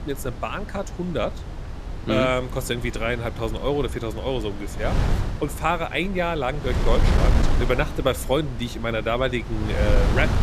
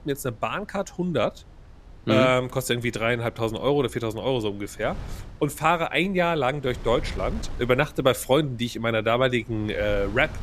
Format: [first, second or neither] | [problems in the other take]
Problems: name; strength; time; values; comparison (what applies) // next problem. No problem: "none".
second | wind noise on the microphone; heavy; 9 dB below the speech; occasional gusts in the second